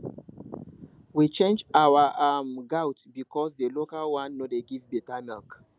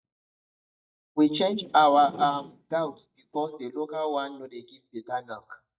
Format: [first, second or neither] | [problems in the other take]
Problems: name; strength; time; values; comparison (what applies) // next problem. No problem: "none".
first | noise reduction (neural mask model DeepFilterNet 3)